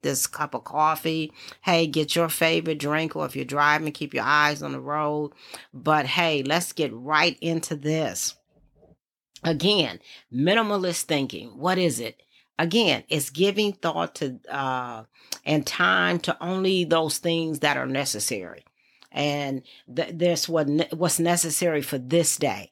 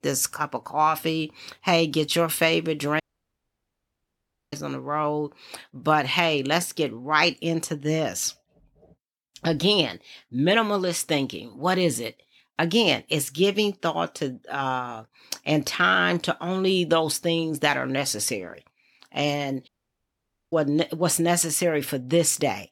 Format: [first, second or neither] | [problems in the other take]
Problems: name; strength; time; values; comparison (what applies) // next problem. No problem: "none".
first | audio cutting out; at 3 s for 1.5 s and at 20 s for 1 s